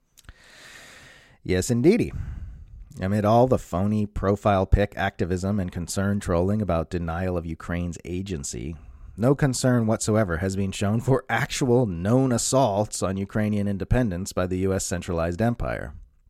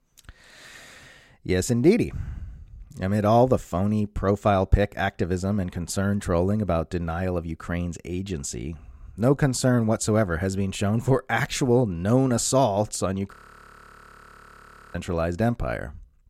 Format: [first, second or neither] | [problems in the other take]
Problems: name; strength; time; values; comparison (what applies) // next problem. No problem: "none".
first | audio freezing; at 13 s for 1.5 s